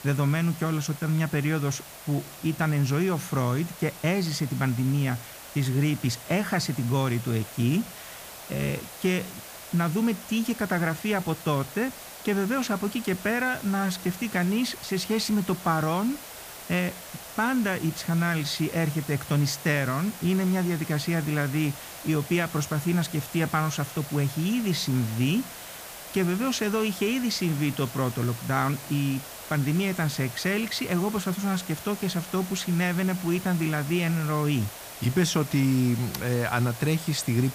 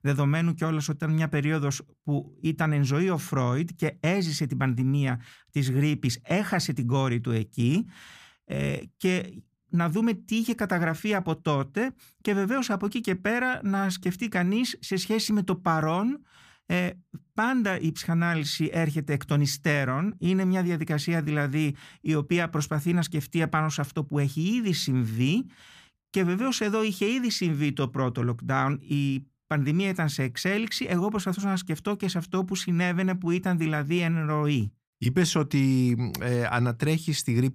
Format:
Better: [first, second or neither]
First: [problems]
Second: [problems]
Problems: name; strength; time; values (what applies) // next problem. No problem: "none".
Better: second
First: hiss; noticeable; throughout; 15 dB below the speech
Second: none